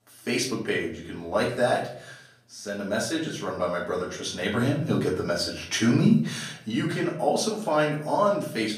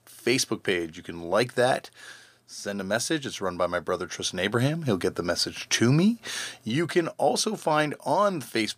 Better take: second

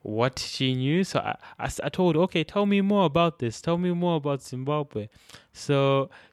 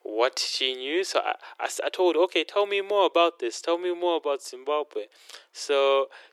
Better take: first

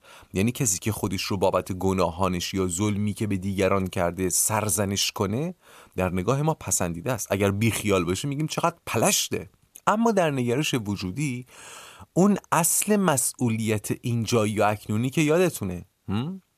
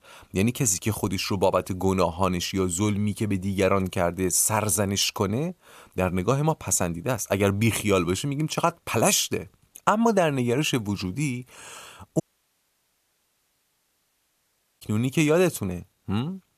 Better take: first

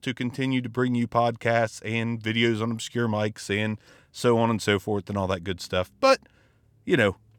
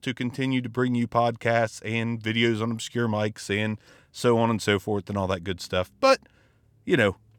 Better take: neither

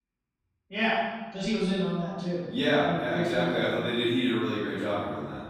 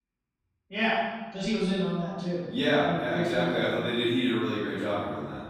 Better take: neither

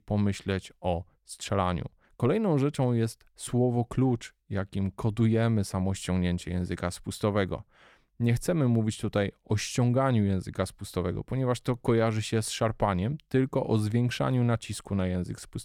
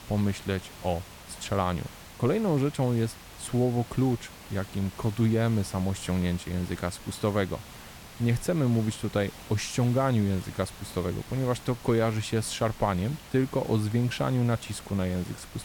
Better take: first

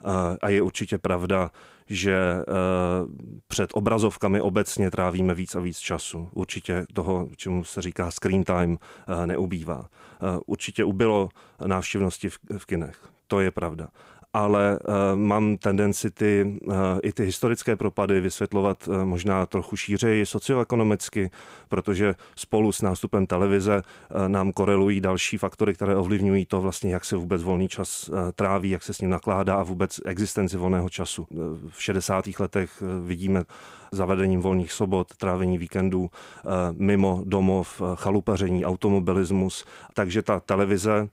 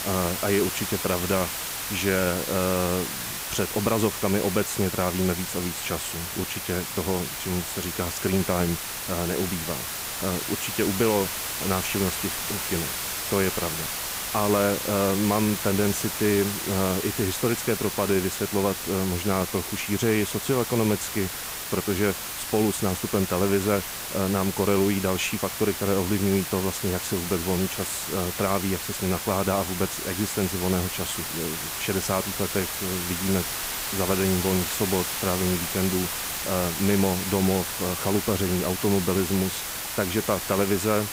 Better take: first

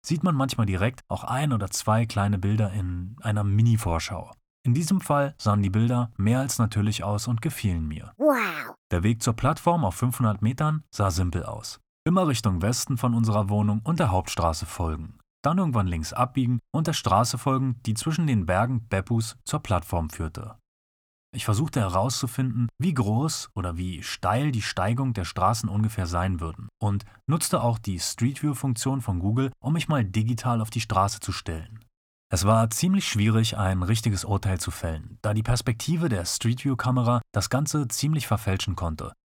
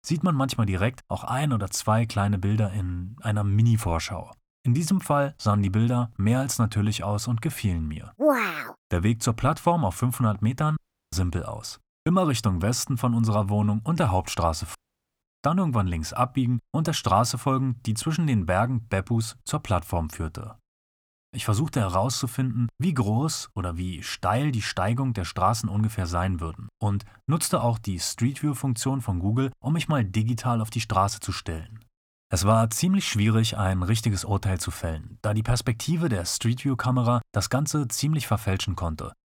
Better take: first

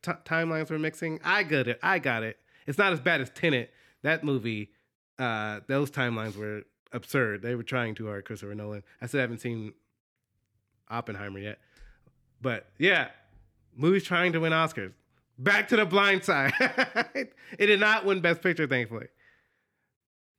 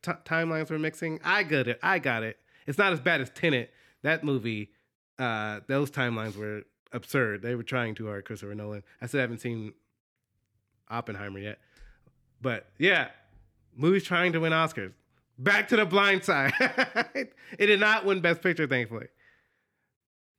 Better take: neither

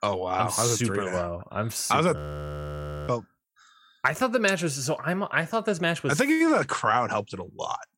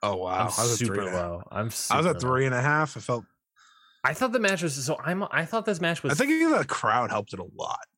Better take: second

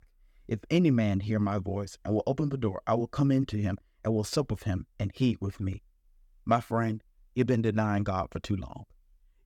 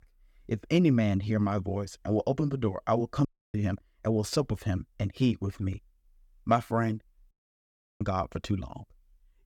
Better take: first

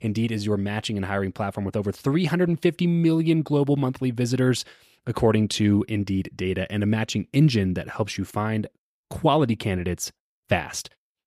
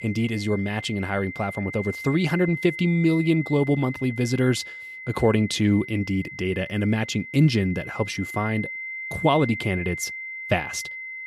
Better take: first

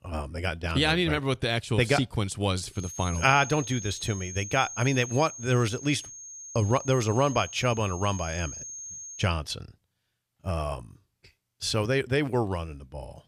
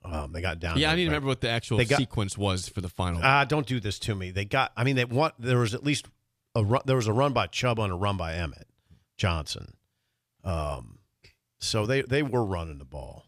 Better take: second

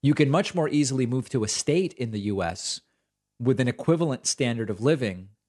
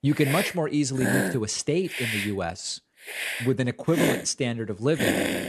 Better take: first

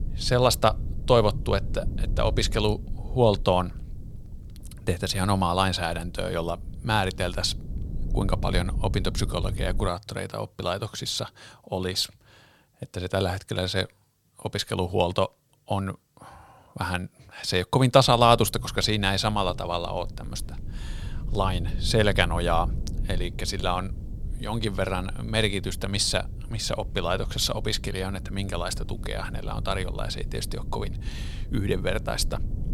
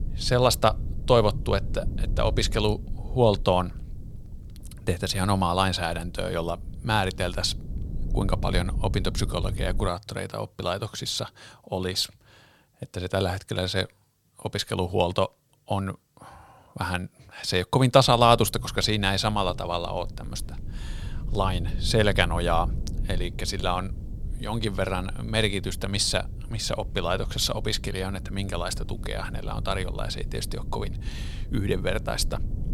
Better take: neither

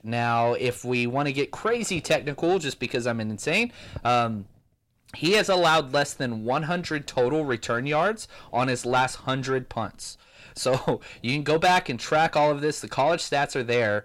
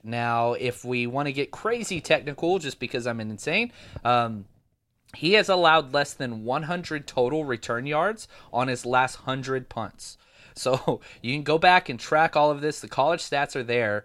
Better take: second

